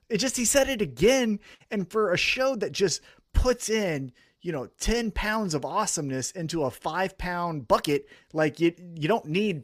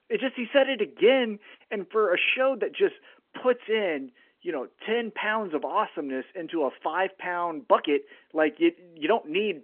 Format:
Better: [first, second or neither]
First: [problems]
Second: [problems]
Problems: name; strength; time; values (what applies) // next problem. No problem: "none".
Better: first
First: none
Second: phone-call audio; nothing above 3 kHz